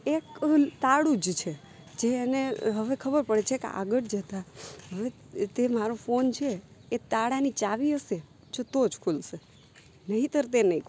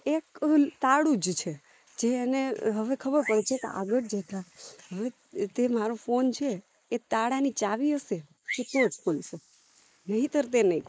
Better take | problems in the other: first | noise reduction (neural mask model Resemble Enhance denoiser)

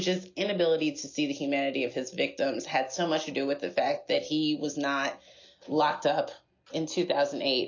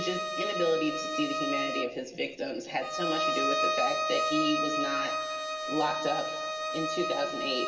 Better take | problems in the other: first | background sound (Bowed string instrument); 1 dB above the speech // room echo; dies away in 2.3 s

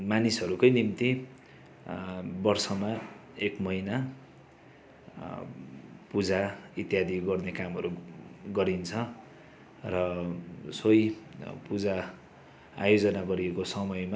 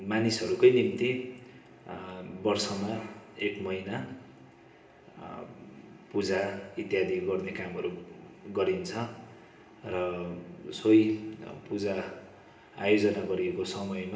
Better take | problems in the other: first | room echo; dies away in 1 s

